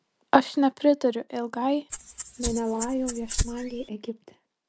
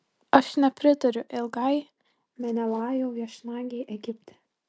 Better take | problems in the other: second | background sound (Rattle (instrument)); 6 dB below the speech

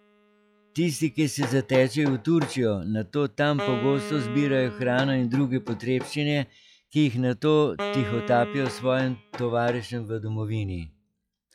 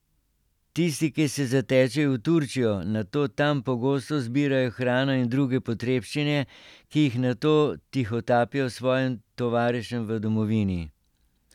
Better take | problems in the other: second | noise reduction (classical method log-MMSE)

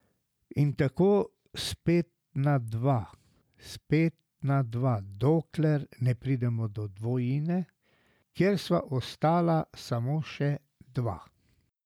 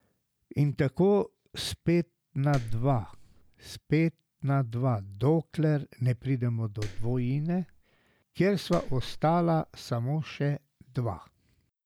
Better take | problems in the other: first | background sound (Clapping); 8 dB below the speech

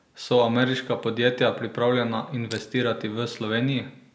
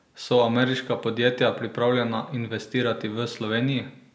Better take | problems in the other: second | background sound (Crushing); 18 dB below the speech

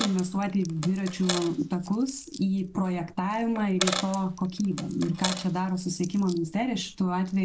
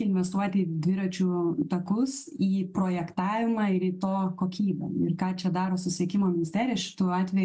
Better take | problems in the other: second | background sound (Coin (dropping)); 10 dB below the speech

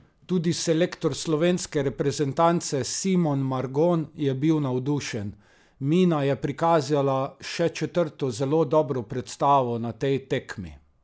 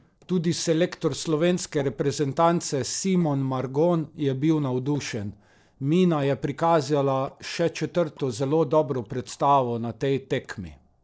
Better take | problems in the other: first | noise reduction (neural separator model SepFormer DNS4)

